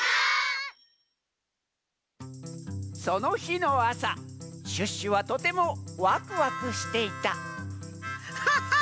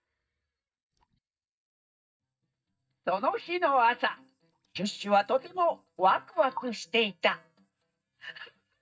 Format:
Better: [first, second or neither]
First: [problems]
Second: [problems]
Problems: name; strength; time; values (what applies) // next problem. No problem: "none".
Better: first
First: none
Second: noise reduction (neural mask model DeepFilterNet 3)